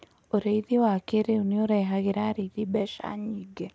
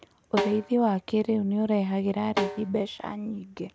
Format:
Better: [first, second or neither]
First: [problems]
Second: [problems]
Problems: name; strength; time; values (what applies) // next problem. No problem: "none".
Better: first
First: none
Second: background sound (Snare drum); 7 dB below the speech